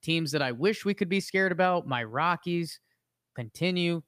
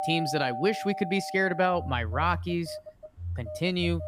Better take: first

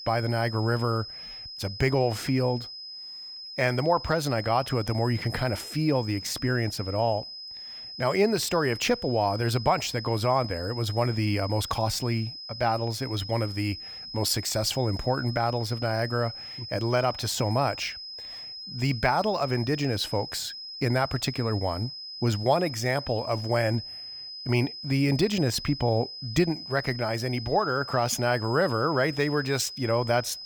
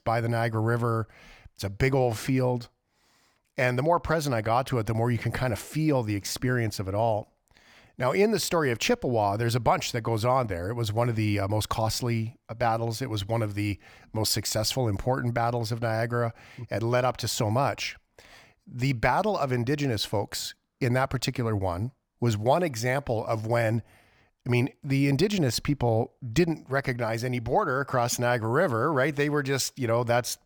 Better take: second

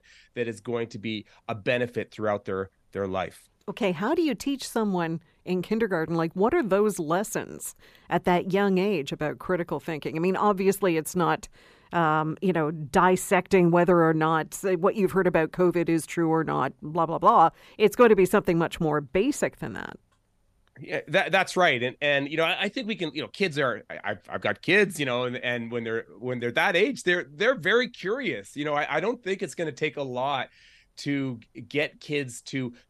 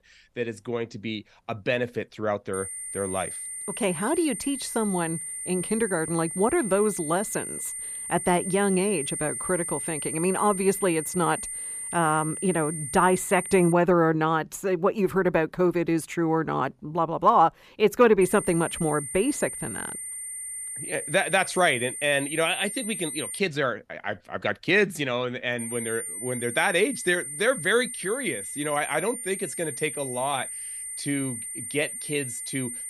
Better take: first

